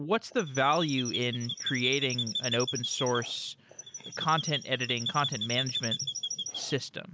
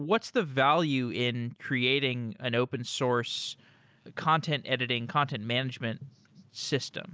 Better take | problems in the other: second | background sound (Chirp, tweet); 5 dB below the speech

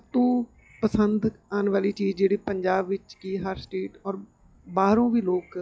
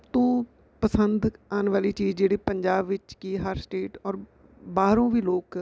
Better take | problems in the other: second | noise reduction (classical method log-MMSE)

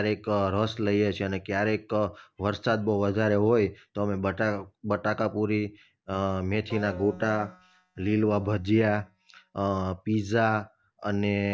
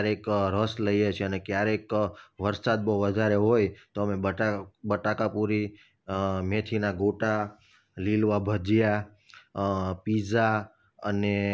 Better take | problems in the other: second | noise reduction (neural mask model DeepFilterNet 3)

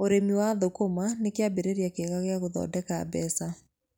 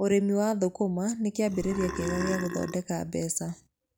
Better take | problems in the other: first | background sound (Burping, eructation); 7 dB below the speech

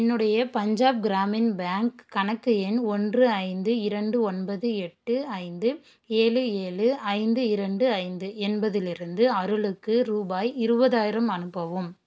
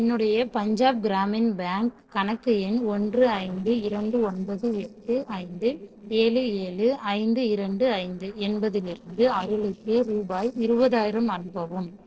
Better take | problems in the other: first | noise reduction (neural separator model SepFormer DNS4)

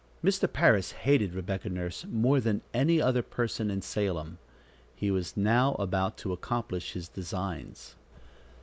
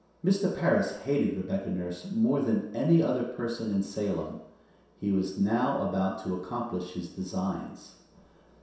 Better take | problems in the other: first | room echo; dies away in 0.7 s

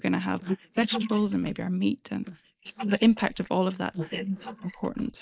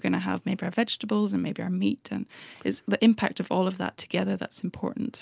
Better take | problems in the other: second | noise reduction (neural mask model Resemble Enhance denoiser)

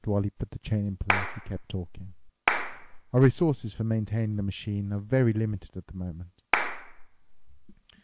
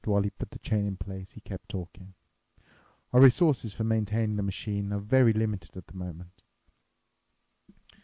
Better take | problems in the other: second | background sound (Clapping); 3 dB below the speech

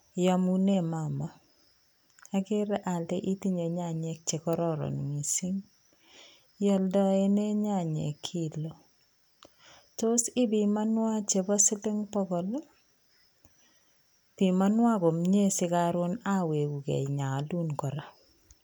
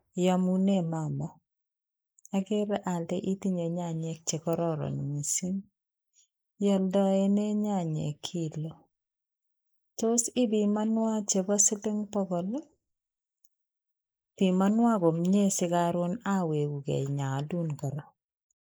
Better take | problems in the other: first | noise reduction (neural mask model Resemble Enhance denoiser)

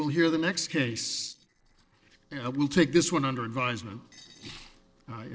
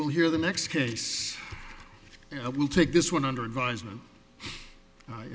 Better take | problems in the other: second | noise reduction (neural separator model SepFormer DNS4)

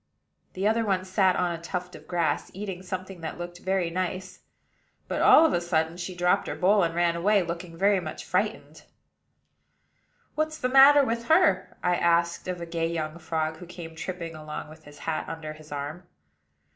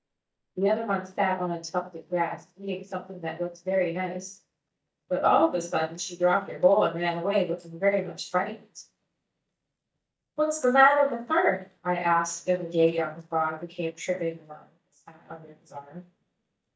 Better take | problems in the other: first | noise reduction (neural mask model DeepFilterNet 3)

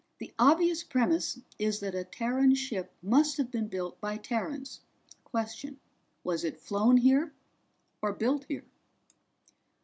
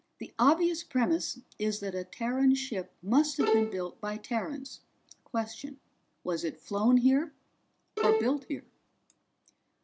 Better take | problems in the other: first | background sound (Bowed string instrument); 1 dB below the speech

